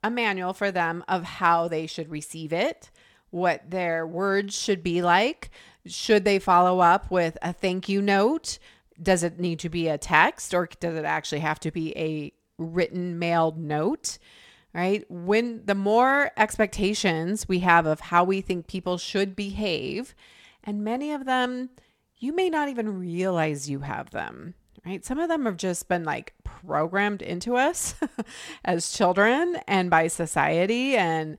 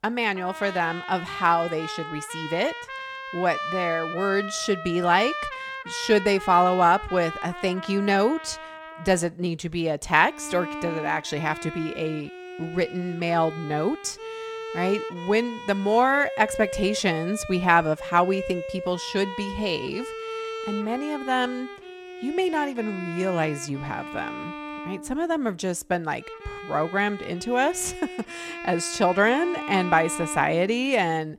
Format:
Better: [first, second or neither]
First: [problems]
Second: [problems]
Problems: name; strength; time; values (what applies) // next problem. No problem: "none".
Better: first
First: none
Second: background music; noticeable; throughout; 10 dB below the speech